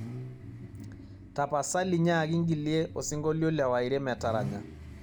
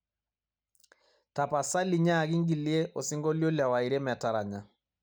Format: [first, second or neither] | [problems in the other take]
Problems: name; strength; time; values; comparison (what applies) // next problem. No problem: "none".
second | background sound (Idling / Accelerating, revving, vroom / Car); 12 dB below the speech